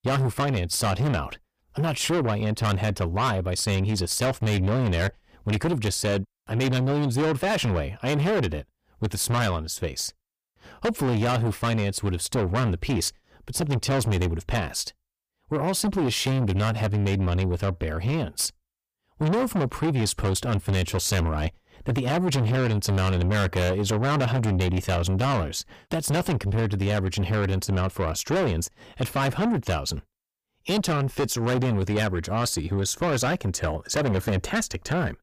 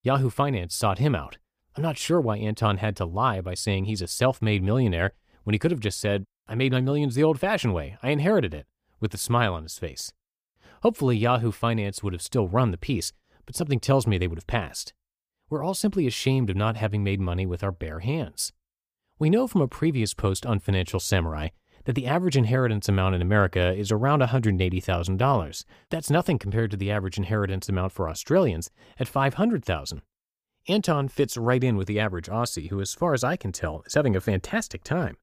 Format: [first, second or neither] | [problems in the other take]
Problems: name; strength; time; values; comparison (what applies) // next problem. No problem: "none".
second | distortion; heavy; 6 dB below the speech